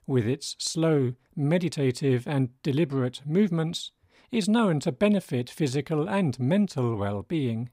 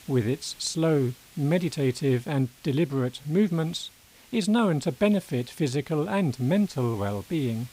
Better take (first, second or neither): first